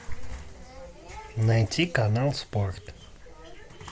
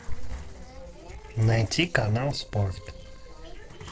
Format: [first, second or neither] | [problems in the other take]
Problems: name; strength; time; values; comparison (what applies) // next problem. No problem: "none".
first | noise reduction (neural separator model SepFormer DNS4)